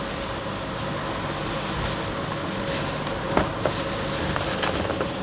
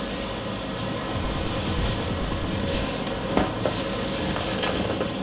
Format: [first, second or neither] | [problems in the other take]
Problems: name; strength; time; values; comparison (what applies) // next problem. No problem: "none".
first | background sound (Drum kit); 4 dB below the speech // room echo; dies away in 0.5 s